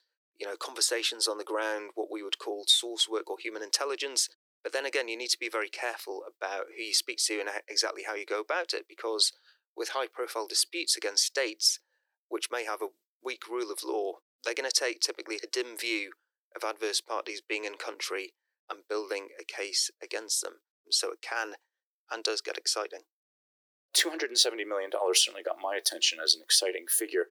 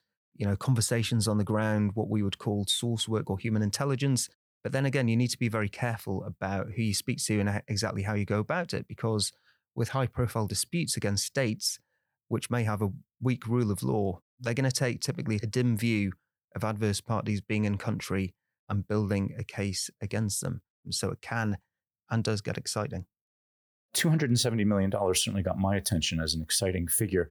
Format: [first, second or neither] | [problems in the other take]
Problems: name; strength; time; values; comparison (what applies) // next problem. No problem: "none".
second | thin; very; fading below 350 Hz